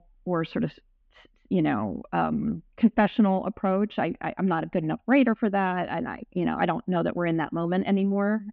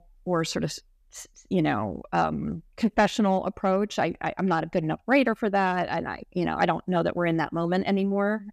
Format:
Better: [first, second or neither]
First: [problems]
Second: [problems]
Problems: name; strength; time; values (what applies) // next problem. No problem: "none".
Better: second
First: muffled; very; fading above 3 kHz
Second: none